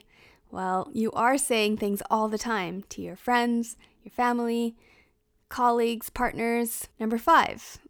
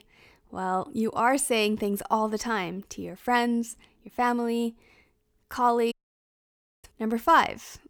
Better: first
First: none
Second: audio cutting out; at 6 s for 1 s

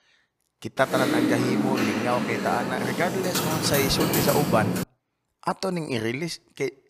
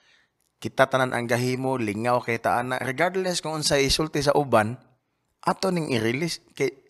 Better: second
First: keyboard typing; loud; from 1 to 5 s; peak 4 dB above the speech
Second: none

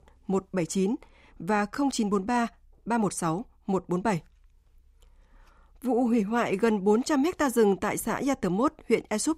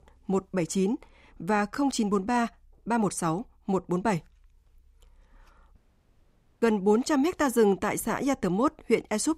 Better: first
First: none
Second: audio cutting out; at 6 s for 1 s

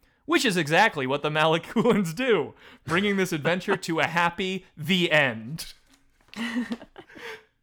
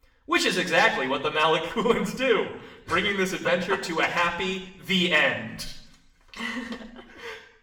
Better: first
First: none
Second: room echo; slight; dies away in 0.7 s // off-mic speech; somewhat distant

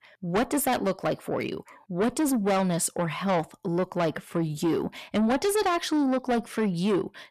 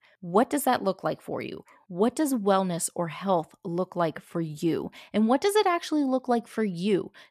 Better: second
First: distortion; heavy; 8 dB below the speech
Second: none

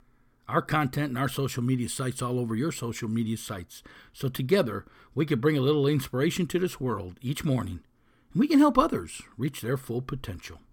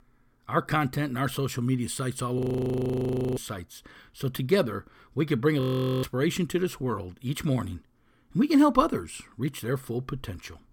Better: first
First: none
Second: audio freezing; at 2.5 s for 1 s and at 5.5 s

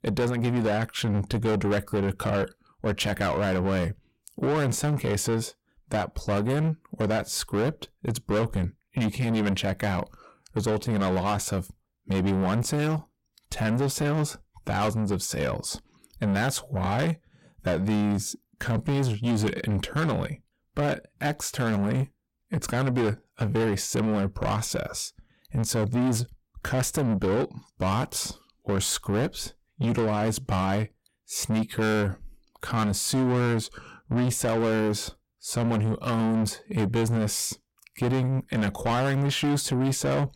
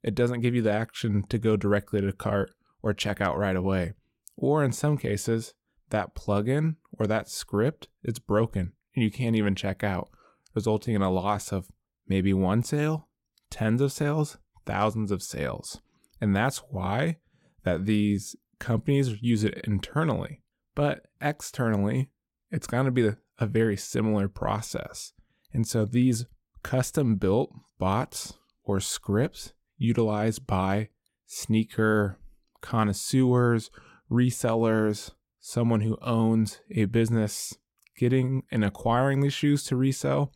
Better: second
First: distortion; heavy; 7 dB below the speech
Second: none

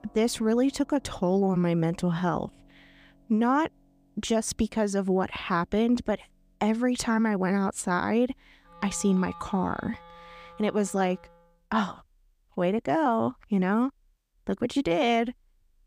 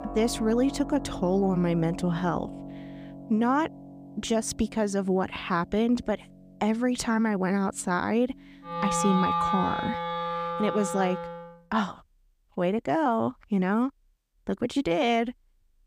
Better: first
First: background music; faint; until 11 s; 25 dB below the speech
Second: background music; loud; until 11 s; 5 dB below the speech

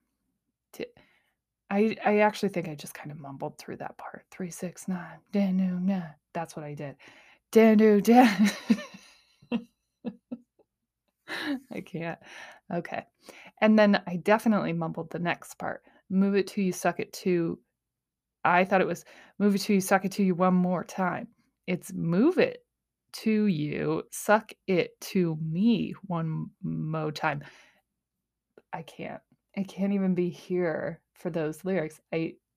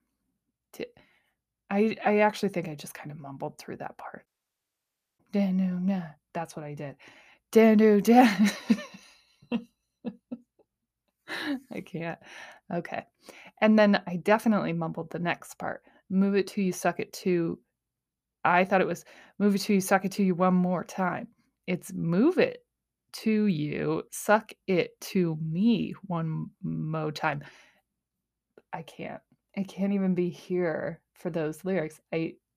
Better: first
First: none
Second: audio cutting out; at 4.5 s for 1 s

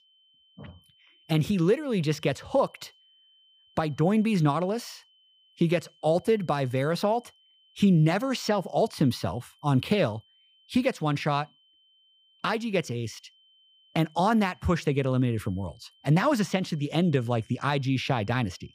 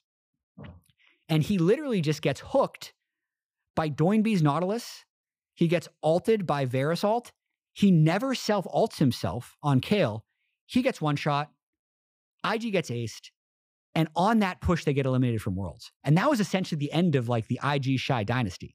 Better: second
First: high-pitched whine; faint; throughout; 3 kHz, 35 dB below the speech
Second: none

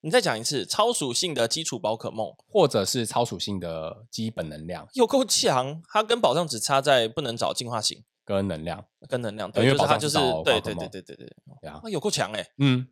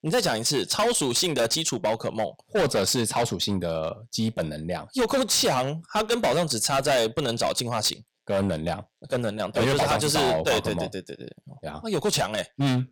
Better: first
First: none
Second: distortion; heavy; 13% of the sound clipped

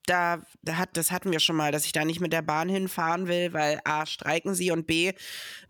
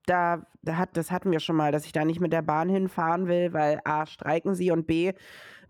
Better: first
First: none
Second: muffled; very; fading above 2 kHz

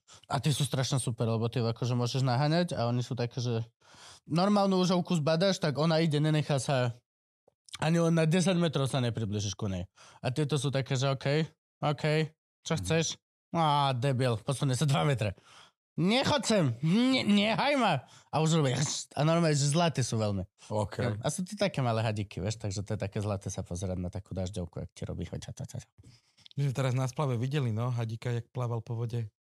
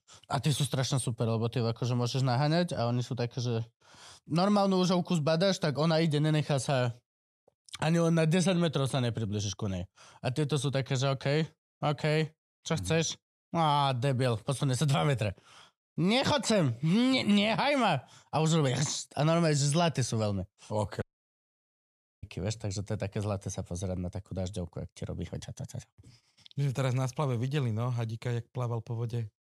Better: first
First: none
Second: audio cutting out; at 21 s for 1 s

